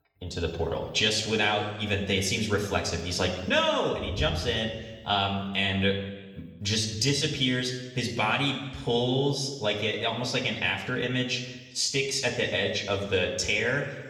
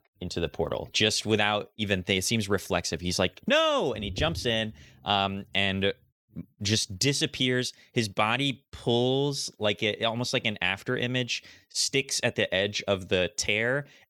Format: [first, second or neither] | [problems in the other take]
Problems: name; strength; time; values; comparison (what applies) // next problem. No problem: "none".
second | room echo; slight; dies away in 1.1 s // off-mic speech; somewhat distant